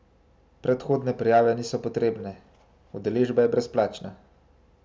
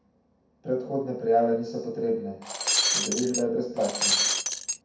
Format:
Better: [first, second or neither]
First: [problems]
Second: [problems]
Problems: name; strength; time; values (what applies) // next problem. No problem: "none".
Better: first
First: none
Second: background sound (Shatter); 2 dB above the speech // room echo; dies away in 0.6 s